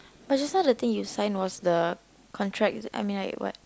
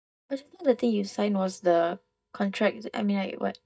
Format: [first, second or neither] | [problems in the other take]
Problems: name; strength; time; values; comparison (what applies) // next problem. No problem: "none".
first | noise reduction (neural mask model DeepFilterNet 3)